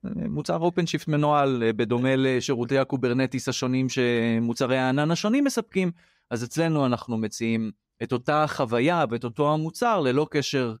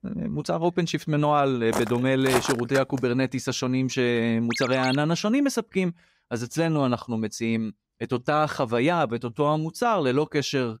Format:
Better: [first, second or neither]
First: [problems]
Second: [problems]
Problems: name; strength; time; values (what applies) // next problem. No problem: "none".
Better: first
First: none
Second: footsteps; noticeable; from 1.5 to 3 s; peak 2 dB below the speech // phone ringing; noticeable; at 4.5 s; peak 5 dB below the speech